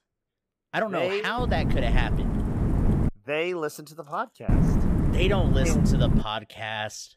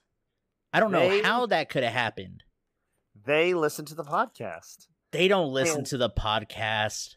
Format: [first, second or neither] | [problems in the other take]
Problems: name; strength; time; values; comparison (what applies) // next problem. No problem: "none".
second | wind noise on the microphone; heavy; from 1.5 to 3 s and from 4.5 to 6 s; 5 dB below the speech